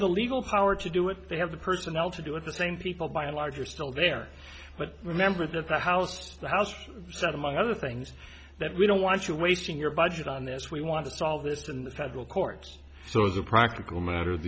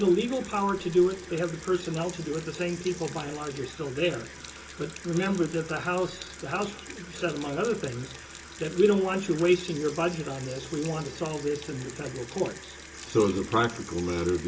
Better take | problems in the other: first | background sound (Sink (filling or washing) / Water tap, faucet); 15 dB below the speech // room echo; dies away in 0.2 s

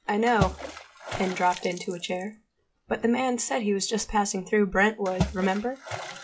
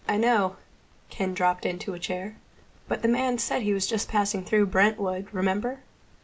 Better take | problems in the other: second | noise reduction (classical method log-MMSE)

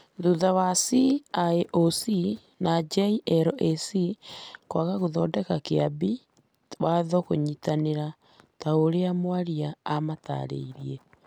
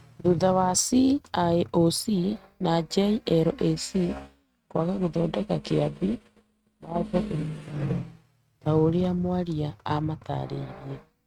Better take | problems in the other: first | noise reduction (neural mask model RNNoise)

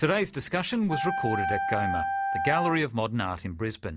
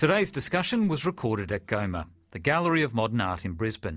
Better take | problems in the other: second | background sound (Wind instrument, woodwind instrument); 2 dB below the speech

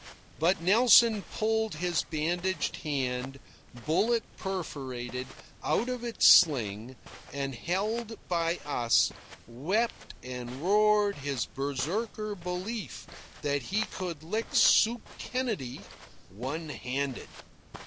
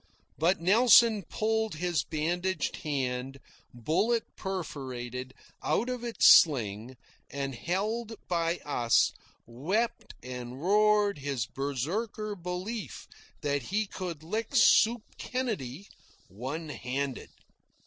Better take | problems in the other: second | background sound (Walk, footsteps); 18 dB below the speech

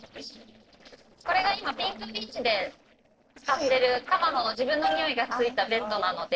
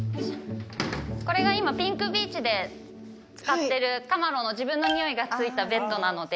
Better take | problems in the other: second | noise reduction (neural separator model SepFormer DNS4)

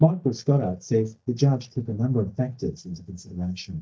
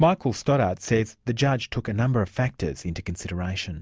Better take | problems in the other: second | noise reduction (neural mask model DeepFilterNet 3)

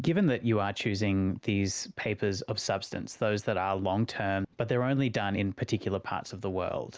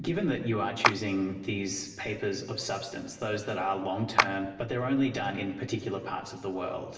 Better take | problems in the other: first | background sound (Clapping); 1 dB below the speech // room echo; dies away in 1.1 s

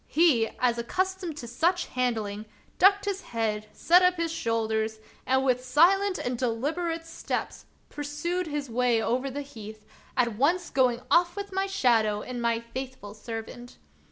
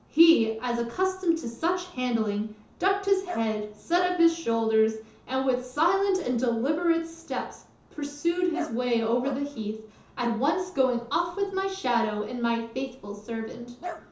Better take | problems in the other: first | background sound (Dog); 19 dB below the speech // room echo; dies away in 0.6 s

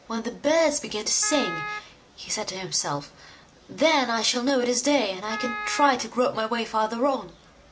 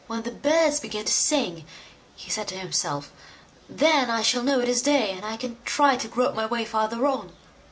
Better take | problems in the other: second | background sound (Wind instrument, woodwind instrument); 9 dB below the speech

